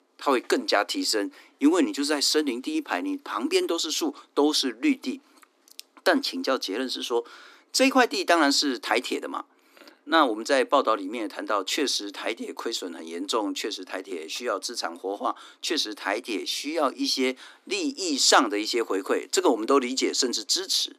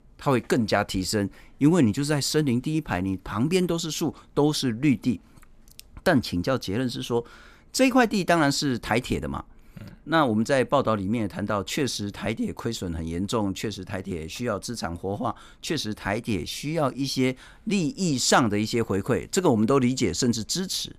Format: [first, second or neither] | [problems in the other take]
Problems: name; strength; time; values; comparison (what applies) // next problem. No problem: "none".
second | thin; very slightly; fading below 250 Hz